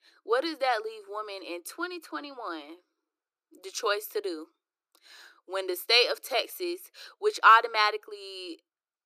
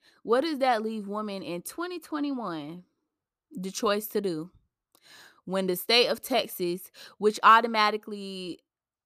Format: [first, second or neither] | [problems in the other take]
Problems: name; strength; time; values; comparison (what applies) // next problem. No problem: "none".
second | thin; very; fading below 300 Hz